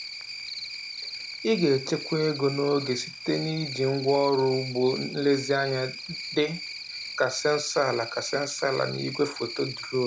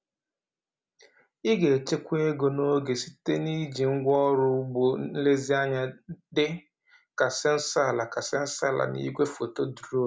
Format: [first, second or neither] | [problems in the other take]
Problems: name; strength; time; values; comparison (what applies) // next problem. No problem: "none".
second | background sound (Cricket); 10 dB below the speech